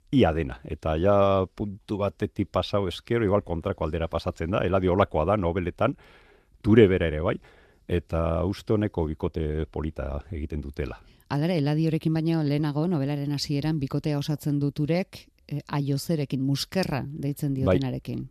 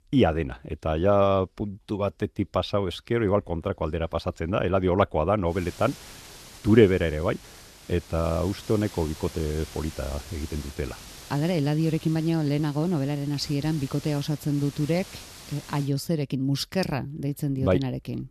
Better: first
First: none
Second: hiss; noticeable; from 5.5 to 16 s; 15 dB below the speech

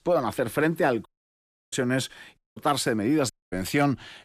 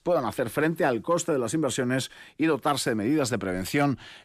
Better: second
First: audio cutting out; at 1 s for 0.5 s, at 2.5 s and at 3.5 s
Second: none

